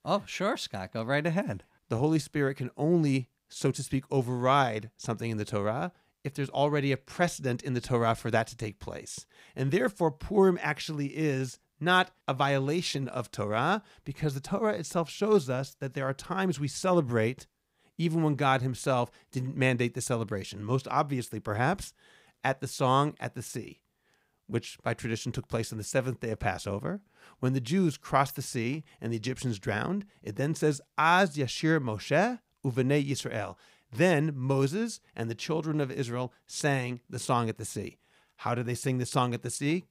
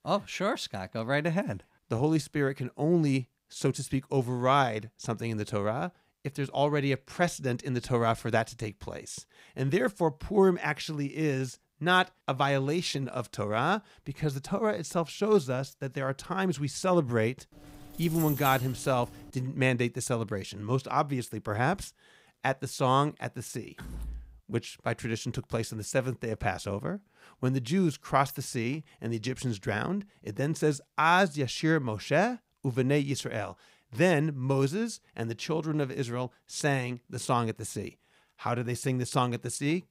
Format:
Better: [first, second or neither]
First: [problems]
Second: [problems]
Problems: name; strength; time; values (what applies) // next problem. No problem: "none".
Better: first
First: none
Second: jangling keys; noticeable; from 18 to 19 s; peak 6 dB below the speech // door banging; faint; at 24 s; peak 10 dB below the speech